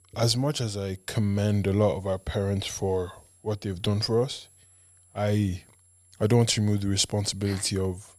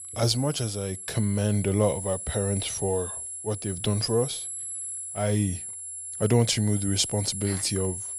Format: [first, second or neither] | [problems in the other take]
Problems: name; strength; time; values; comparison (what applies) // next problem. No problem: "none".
first | high-pitched whine; loud; throughout; 10.5 kHz, 7 dB below the speech; faint in the first